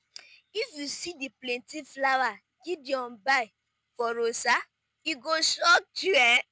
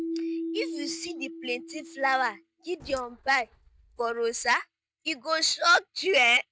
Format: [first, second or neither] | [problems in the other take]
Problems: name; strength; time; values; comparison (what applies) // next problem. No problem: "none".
first | noise reduction (neural mask model DeepFilterNet 3)